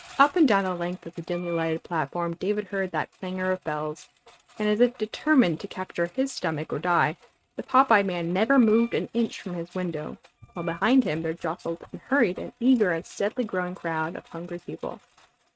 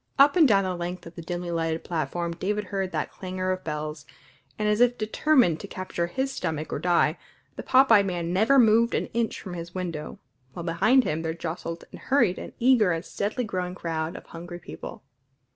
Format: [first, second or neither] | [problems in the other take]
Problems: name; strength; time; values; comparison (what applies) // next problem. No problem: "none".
second | noise reduction (neural mask model RNNoise)